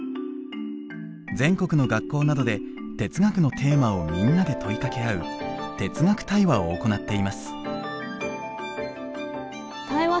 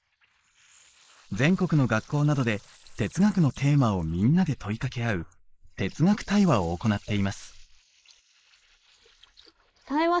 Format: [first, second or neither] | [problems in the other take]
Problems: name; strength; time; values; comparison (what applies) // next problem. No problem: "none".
first | noise reduction (neural mask model Resemble Enhance denoiser)